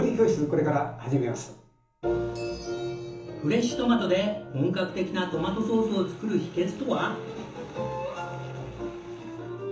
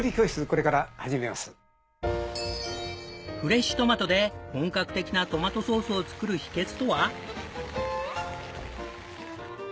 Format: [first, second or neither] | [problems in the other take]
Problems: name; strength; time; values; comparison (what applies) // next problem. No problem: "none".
second | room echo; dies away in 0.7 s